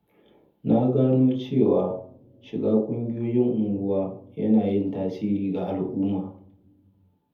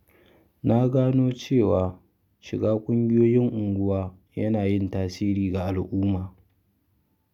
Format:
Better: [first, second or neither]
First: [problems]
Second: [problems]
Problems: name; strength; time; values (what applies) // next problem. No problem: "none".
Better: second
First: room echo; dies away in 0.6 s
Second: none